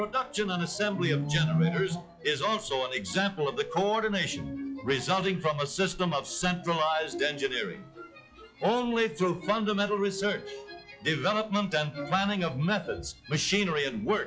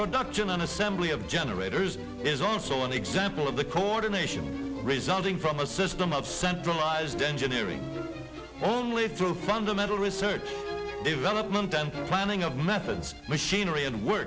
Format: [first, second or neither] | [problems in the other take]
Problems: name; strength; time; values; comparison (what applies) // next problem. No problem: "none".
second | noise reduction (classical method log-MMSE)